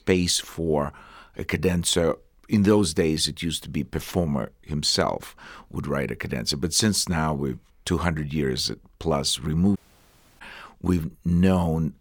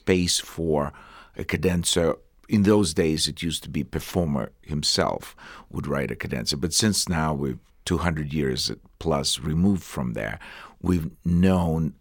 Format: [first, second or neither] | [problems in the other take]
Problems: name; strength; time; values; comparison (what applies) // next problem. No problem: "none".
second | audio cutting out; at 10 s for 0.5 s